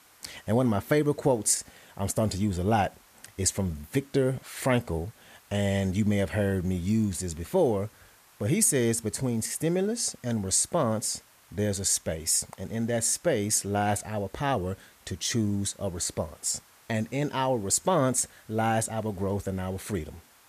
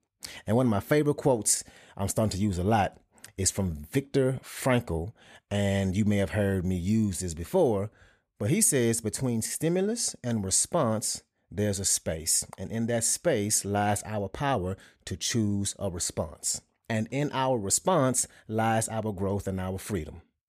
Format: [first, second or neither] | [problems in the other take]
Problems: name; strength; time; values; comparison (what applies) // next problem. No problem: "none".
second | hiss; faint; throughout; 30 dB below the speech